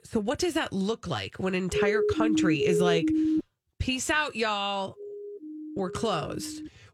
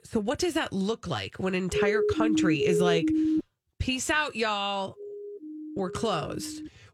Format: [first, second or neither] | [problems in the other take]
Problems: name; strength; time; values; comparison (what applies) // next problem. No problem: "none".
neither | siren; loud; from 1.5 to 3.5 s; peak 4 dB above the speech; the same in both // siren; faint; from 5 s on; peak 10 dB below the speech; the same in both